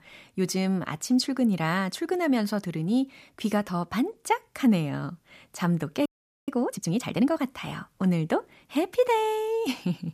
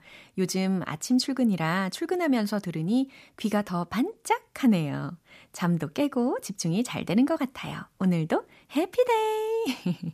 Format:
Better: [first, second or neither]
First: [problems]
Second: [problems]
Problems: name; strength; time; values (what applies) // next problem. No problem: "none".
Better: second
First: audio freezing; at 6 s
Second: none